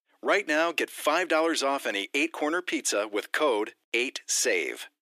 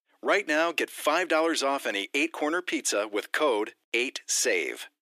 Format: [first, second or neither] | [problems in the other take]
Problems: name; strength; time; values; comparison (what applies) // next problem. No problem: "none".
neither | thin; very; fading below 300 Hz; the same in both